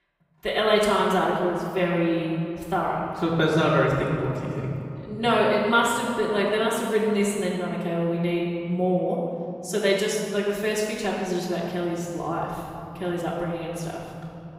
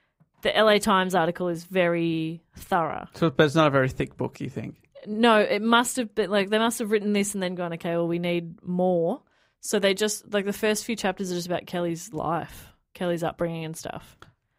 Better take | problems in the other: second | off-mic speech; far // room echo; noticeable; dies away in 2.9 s

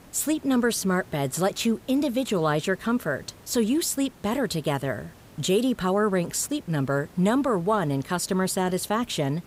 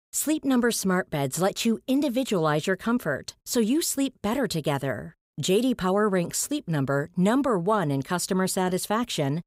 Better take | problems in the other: second | hiss; faint; throughout; 25 dB below the speech

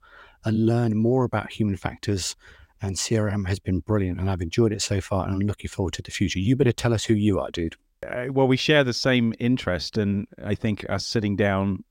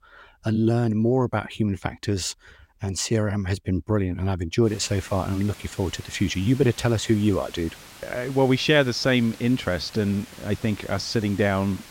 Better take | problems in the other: first | hiss; noticeable; from 4.5 s on; 20 dB below the speech

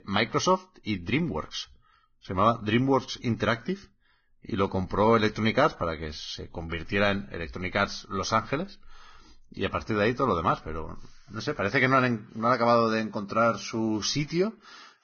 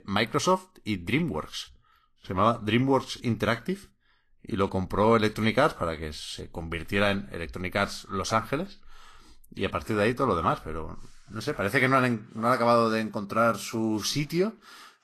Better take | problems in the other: second | garbled, watery; badly; nothing above 6.5 kHz; slightly in the second

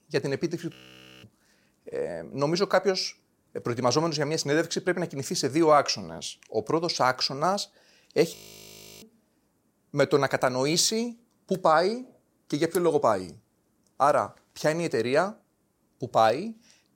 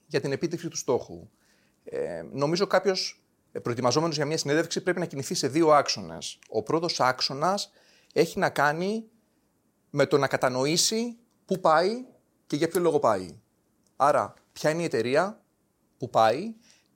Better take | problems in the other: second | audio freezing; at 0.5 s for 0.5 s and at 8.5 s for 0.5 s

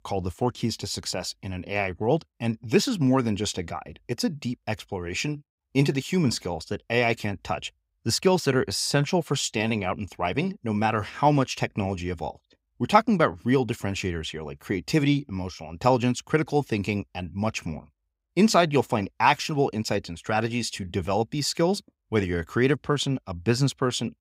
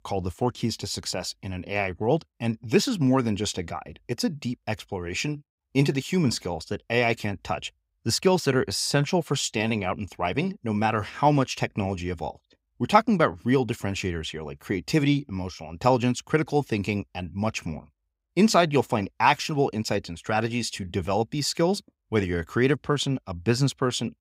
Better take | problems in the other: neither | none

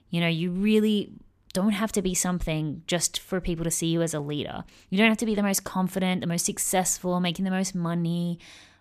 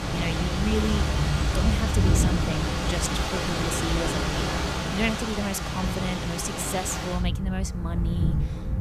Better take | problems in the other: first | rain or running water; very loud; throughout; 4 dB above the speech

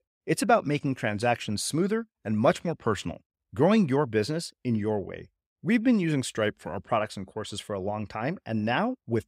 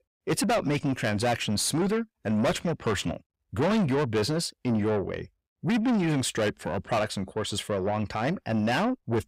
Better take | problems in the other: first | distortion; heavy; 7 dB below the speech

